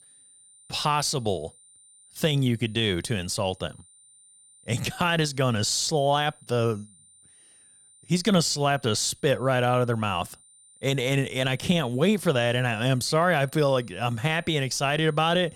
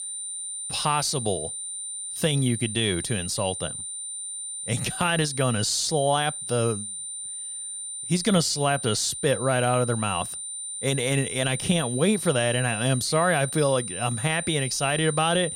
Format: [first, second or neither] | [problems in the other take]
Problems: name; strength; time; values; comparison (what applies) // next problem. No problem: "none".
first | high-pitched whine; loud; throughout; 9 kHz, 6 dB below the speech; faint in the first